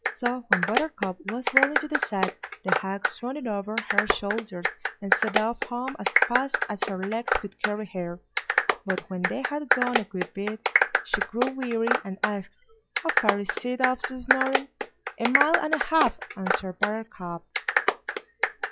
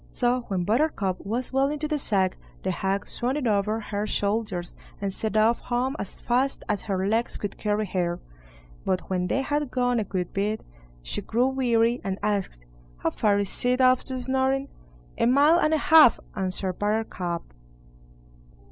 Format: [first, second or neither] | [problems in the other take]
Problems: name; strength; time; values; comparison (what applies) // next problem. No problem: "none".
second | noise reduction (classical method log-MMSE)